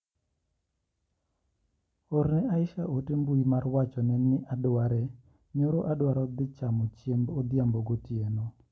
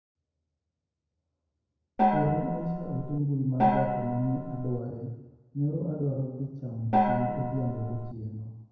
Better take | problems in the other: first | background sound (Gong); 4 dB above the speech // room echo; dies away in 1 s

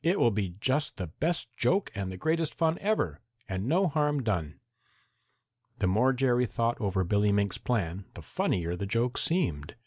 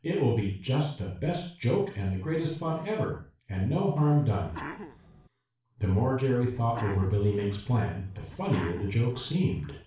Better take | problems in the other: first | background sound (Sneeze); 15 dB below the speech // room echo; dies away in 0.4 s

